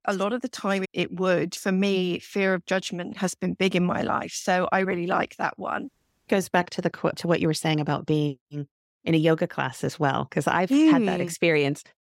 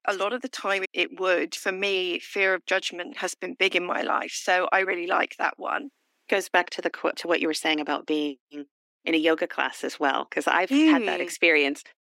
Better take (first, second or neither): first